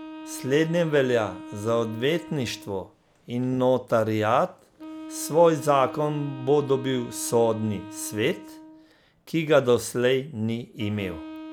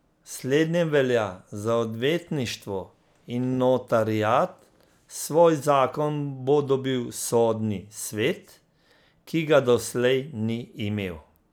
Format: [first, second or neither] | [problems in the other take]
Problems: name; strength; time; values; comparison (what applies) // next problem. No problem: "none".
second | background sound (Wind instrument, woodwind instrument); 16 dB below the speech